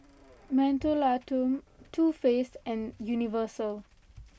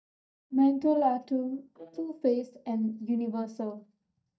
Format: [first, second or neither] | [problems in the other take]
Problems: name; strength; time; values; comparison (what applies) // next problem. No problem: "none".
first | noise reduction (neural mask model DeepFilterNet 3)